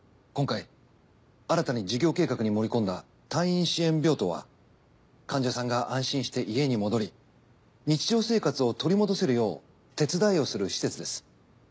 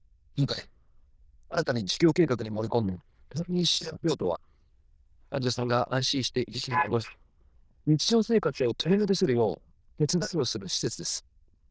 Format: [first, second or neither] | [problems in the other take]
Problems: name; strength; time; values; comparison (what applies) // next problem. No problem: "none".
first | noise reduction (neural diffusion model UNIVERSE++)